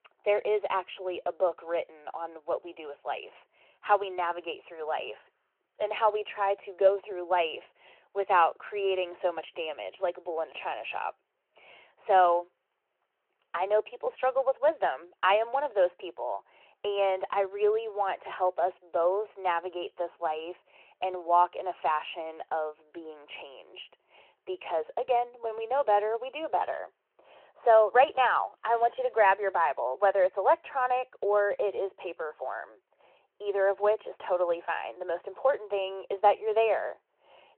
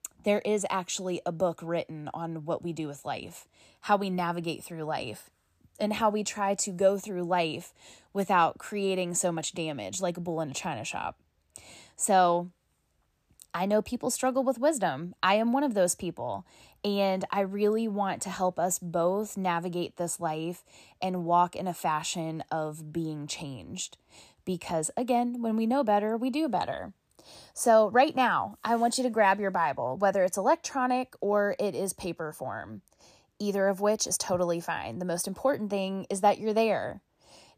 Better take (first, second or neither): second